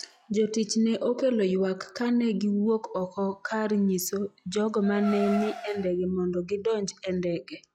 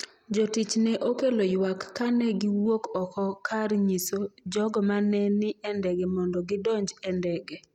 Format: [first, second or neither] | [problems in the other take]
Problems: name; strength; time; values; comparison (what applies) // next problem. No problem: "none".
second | noise reduction (classical method log-MMSE)